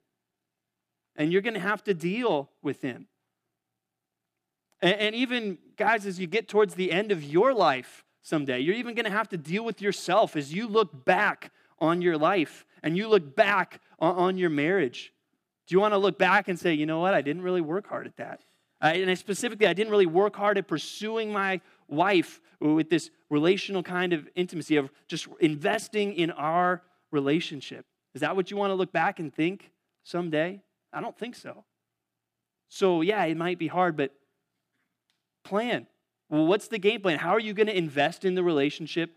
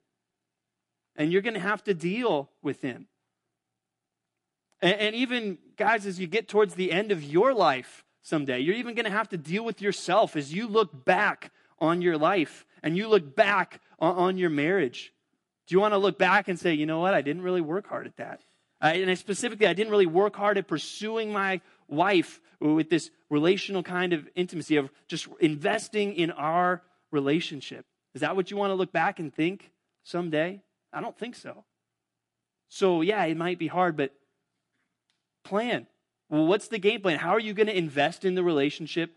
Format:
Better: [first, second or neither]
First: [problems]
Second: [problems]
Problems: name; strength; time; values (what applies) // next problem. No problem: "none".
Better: first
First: none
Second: garbled, watery; slightly; nothing above 11 kHz